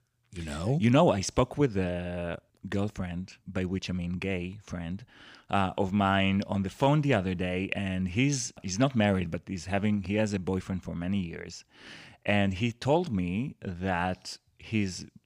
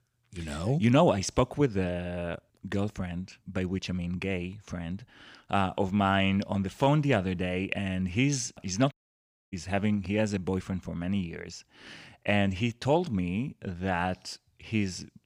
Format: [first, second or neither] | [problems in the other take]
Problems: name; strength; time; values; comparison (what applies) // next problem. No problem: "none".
first | audio cutting out; at 9 s for 0.5 s